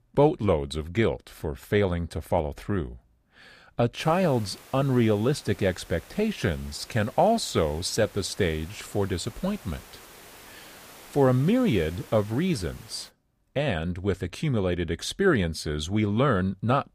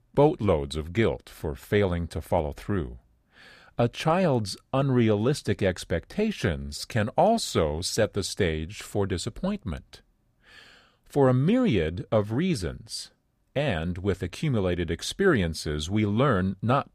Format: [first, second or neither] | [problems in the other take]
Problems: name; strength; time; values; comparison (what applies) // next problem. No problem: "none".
second | hiss; faint; from 4 to 13 s; 20 dB below the speech